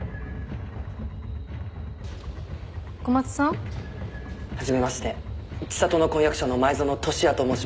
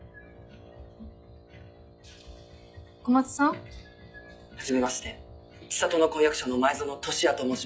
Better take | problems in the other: first | noise reduction (classical method log-MMSE)

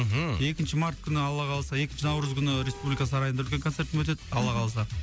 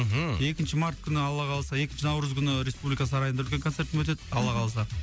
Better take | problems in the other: second | background sound (Car); 19 dB below the speech

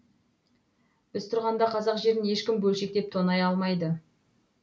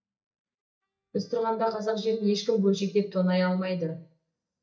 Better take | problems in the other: first | noise reduction (neural mask model DeepFilterNet 3)

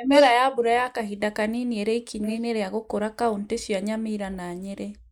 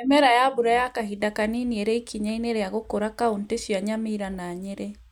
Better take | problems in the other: second | noise reduction (neural mask model Resemble Enhance denoiser)

